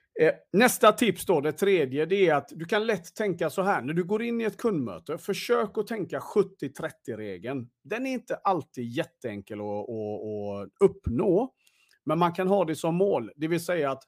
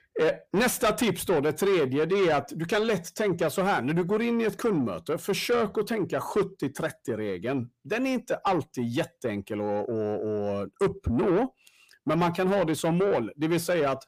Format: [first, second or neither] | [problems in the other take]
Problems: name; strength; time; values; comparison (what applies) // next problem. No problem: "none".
first | distortion; heavy; 7 dB below the speech